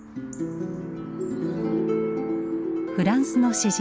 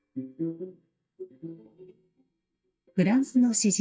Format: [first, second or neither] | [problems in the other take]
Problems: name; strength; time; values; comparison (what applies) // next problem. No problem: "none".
first | noise reduction (neural mask model DeepFilterNet 3)